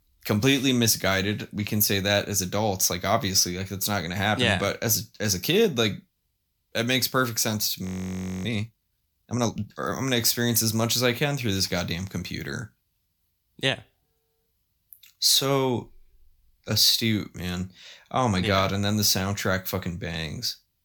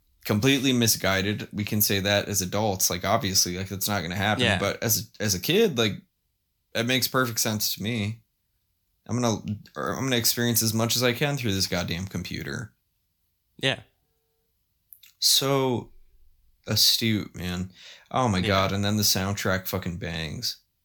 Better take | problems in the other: second | audio freezing; at 8 s for 0.5 s

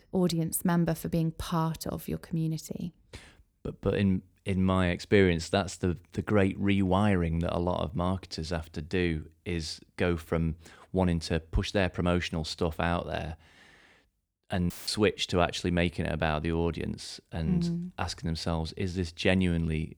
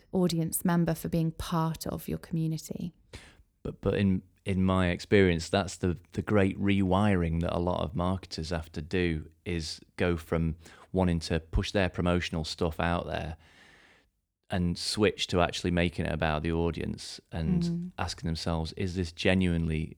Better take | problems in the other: second | audio cutting out; filled with static; at 15 s

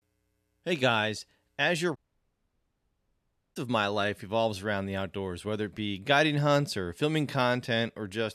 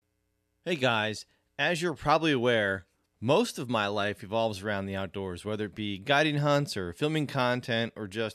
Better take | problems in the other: second | audio cutting out; at 2 s for 1.5 s

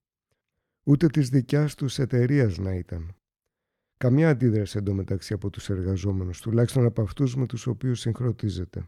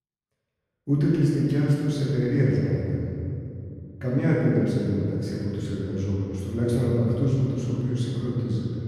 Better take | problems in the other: first | room echo; strong; dies away in 2.6 s // off-mic speech; far

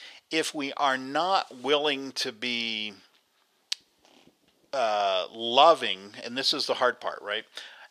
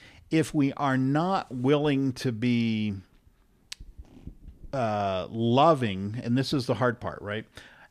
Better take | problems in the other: second | thin; very; fading below 600 Hz

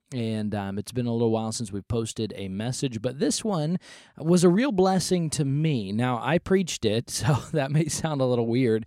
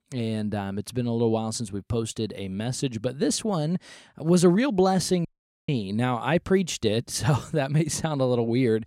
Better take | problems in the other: first | audio cutting out; at 5.5 s

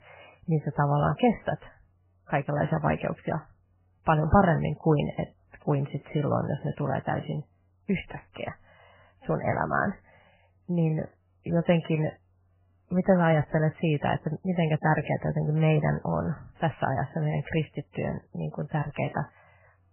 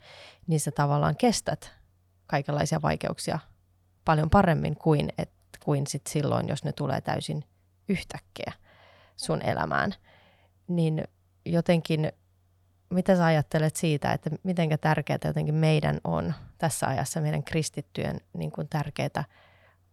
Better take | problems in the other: second | garbled, watery; badly; nothing above 3 kHz

